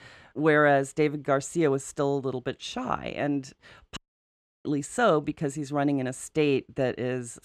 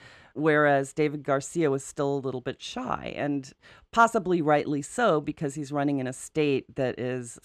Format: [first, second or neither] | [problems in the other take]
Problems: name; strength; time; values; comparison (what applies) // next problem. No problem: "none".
second | audio cutting out; at 4 s for 0.5 s